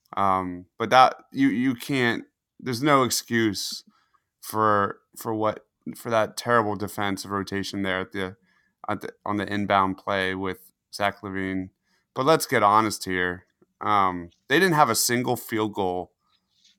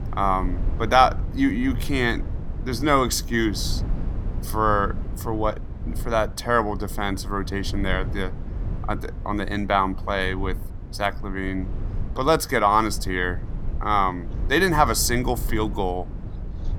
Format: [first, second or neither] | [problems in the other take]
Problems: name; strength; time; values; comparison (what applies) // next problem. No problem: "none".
first | low rumble; faint; throughout; 20 dB below the speech